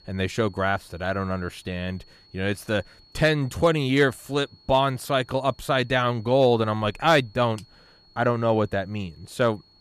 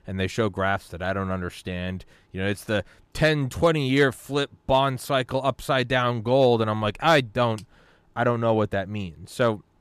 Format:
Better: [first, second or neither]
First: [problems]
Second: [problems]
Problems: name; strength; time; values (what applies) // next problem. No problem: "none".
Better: second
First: high-pitched whine; faint; throughout; 4.5 kHz, 30 dB below the speech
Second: none